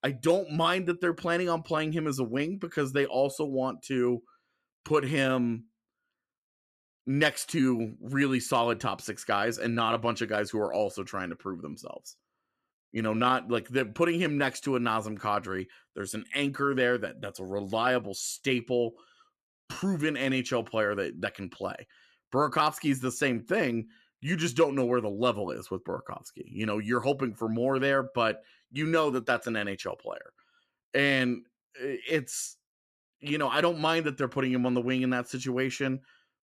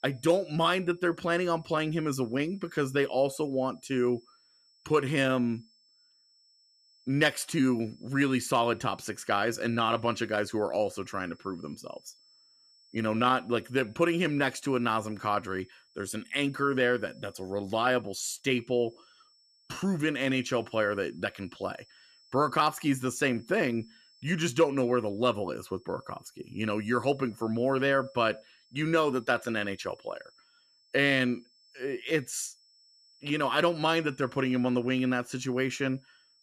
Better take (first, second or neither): first